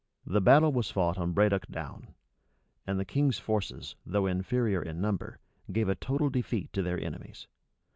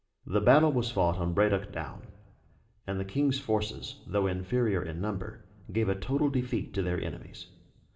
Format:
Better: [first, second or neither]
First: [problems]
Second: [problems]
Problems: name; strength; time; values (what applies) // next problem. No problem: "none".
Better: first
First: none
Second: room echo; dies away in 1.8 s